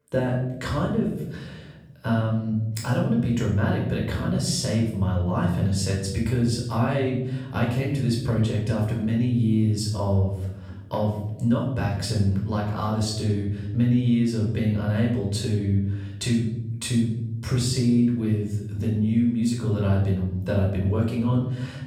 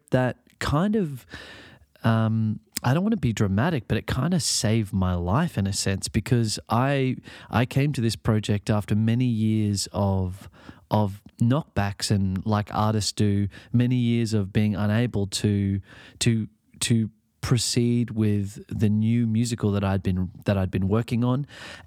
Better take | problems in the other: second | off-mic speech; far // room echo; noticeable; dies away in 1 s

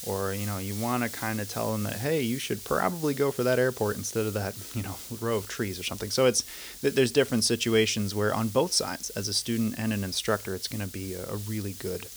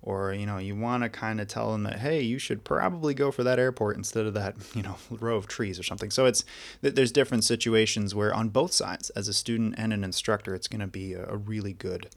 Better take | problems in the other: second | hiss; noticeable; throughout; 10 dB below the speech

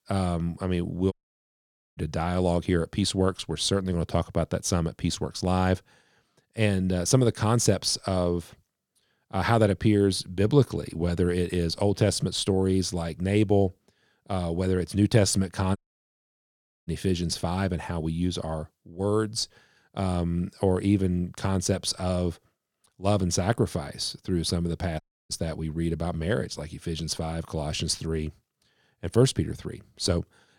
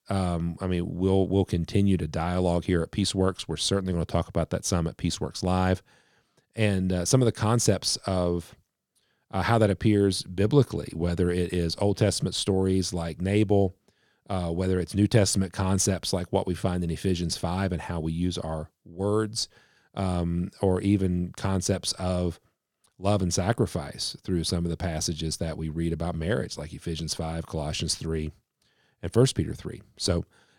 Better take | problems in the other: second | audio cutting out; at 1 s for 1 s, at 16 s for 1 s and at 25 s

